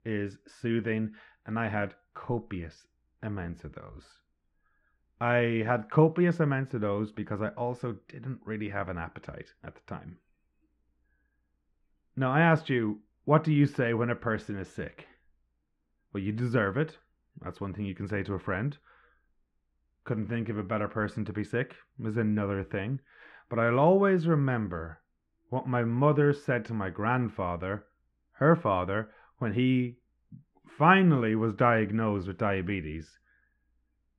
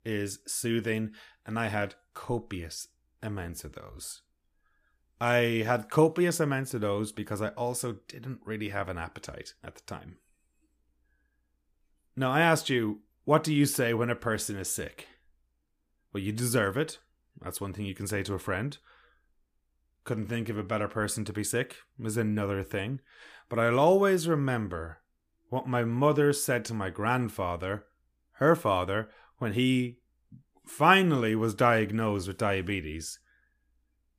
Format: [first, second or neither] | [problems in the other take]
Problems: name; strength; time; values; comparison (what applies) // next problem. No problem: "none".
second | muffled; very; fading above 2 kHz